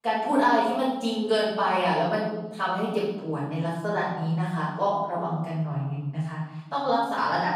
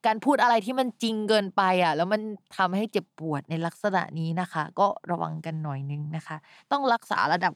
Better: second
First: off-mic speech; far // room echo; noticeable; dies away in 1.1 s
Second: none

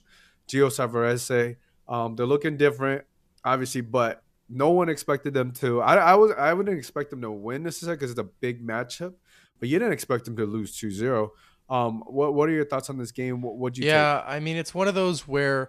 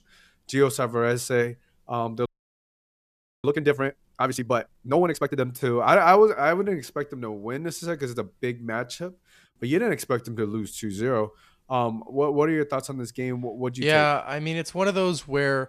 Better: first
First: none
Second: audio freezing; at 2.5 s for 1 s

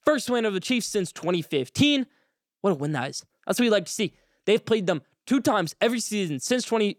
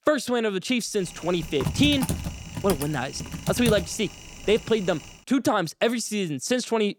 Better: first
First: none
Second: keyboard typing; noticeable; from 1.5 to 4.5 s; peak 3 dB below the speech

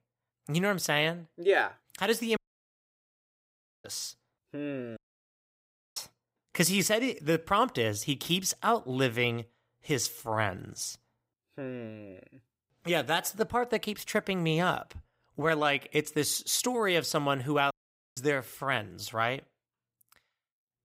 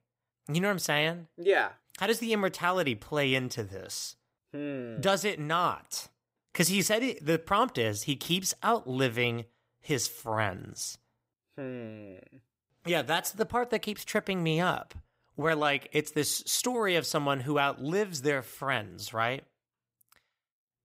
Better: second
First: audio cutting out; at 2.5 s for 1.5 s, at 5 s for 1 s and at 18 s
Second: none

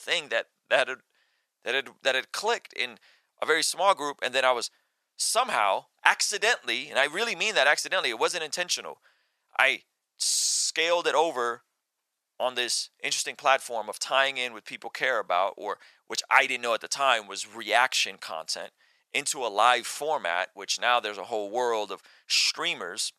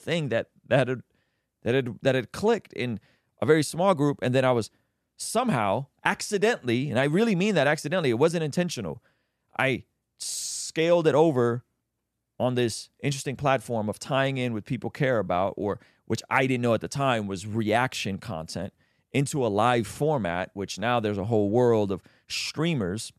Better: second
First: thin; very; fading below 900 Hz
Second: none

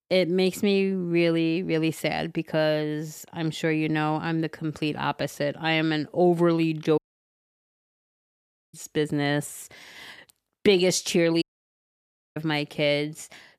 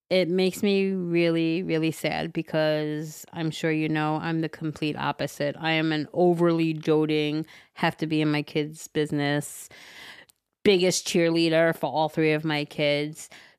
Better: second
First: audio cutting out; at 7 s for 2 s and at 11 s for 1 s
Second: none

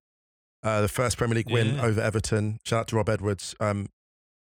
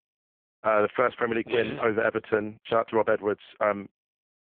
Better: first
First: none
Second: phone-call audio; poor line

